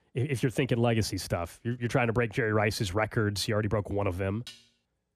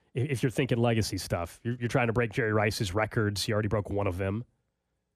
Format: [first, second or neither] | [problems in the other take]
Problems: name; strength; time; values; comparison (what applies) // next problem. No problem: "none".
second | clattering dishes; faint; at 4.5 s; peak 20 dB below the speech